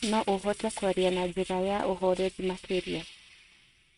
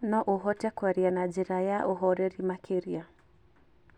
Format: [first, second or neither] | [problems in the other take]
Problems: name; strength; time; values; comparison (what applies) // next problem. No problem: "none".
second | noise reduction (neural mask model RNNoise)